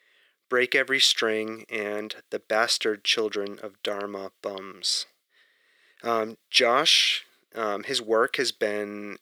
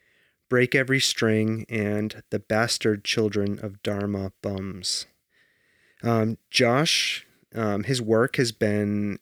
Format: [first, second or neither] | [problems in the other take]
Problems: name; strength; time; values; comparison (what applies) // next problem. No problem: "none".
second | thin; somewhat; fading below 450 Hz